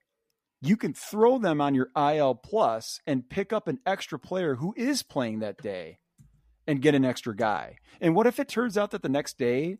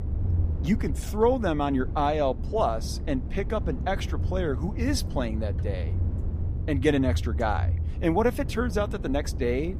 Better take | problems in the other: first | low rumble; noticeable; throughout; 15 dB below the speech

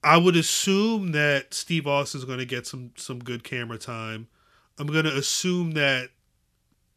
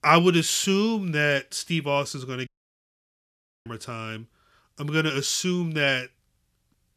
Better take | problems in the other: first | audio cutting out; at 2.5 s for 1 s

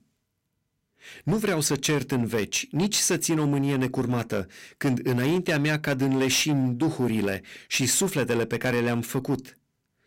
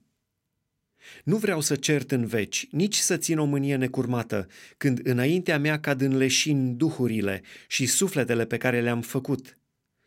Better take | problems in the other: second | distortion; slight; 10% of the sound clipped

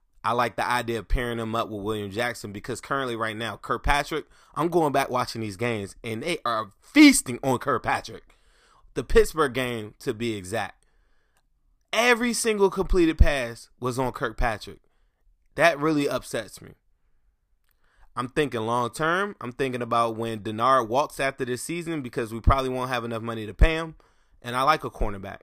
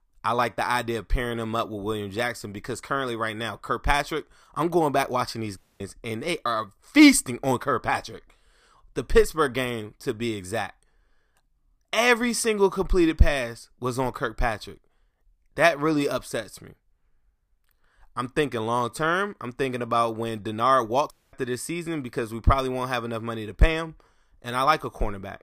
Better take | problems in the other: first | audio cutting out; at 5.5 s and at 21 s

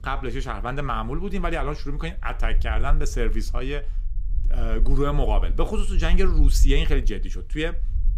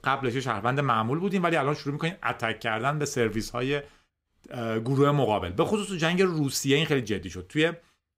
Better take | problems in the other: second | low rumble; faint; throughout; 20 dB below the speech

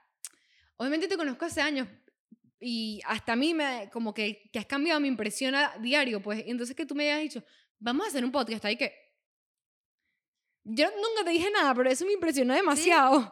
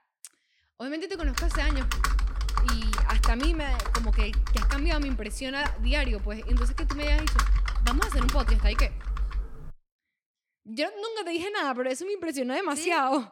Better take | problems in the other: first | keyboard typing; loud; from 1 to 9.5 s; peak 6 dB above the speech

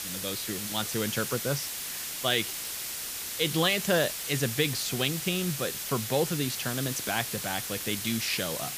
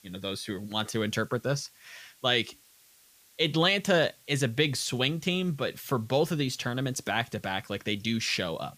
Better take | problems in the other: second | hiss; loud; throughout; 3 dB below the speech; faint in the second

